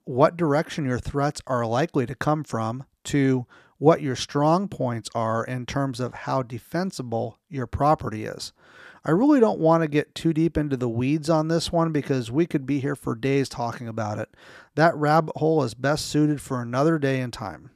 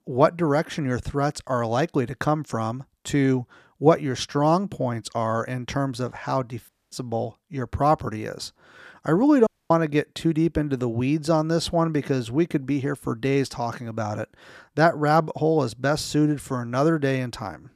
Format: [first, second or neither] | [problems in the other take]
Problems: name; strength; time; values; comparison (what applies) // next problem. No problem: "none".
first | audio cutting out; at 6.5 s and at 9.5 s